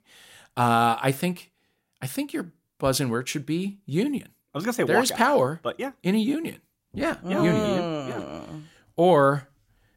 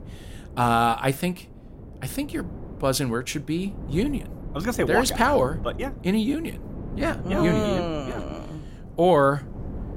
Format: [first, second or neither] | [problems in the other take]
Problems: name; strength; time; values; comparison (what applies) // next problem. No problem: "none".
first | wind noise on the microphone; occasional gusts; 20 dB below the speech